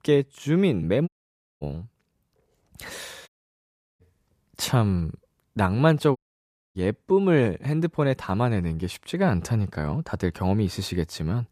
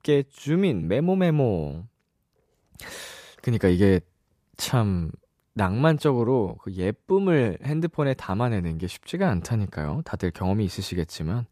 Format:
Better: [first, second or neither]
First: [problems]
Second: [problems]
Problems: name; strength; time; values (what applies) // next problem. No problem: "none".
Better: second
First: audio cutting out; at 1 s for 0.5 s, at 3.5 s for 0.5 s and at 6 s for 0.5 s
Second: none